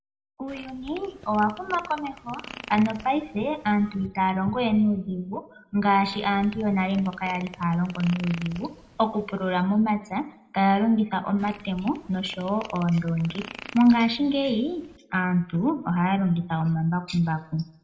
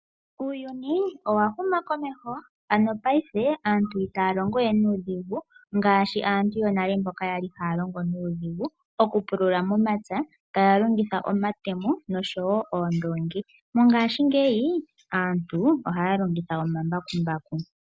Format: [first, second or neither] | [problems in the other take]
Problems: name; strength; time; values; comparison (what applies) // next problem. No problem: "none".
second | background sound (Fart); 19 dB below the speech // room echo; dies away in 0.7 s